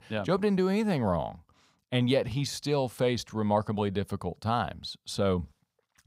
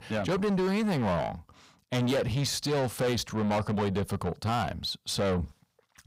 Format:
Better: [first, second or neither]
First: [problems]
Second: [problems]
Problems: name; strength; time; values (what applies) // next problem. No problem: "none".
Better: first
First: none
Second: distortion; heavy; 7 dB below the speech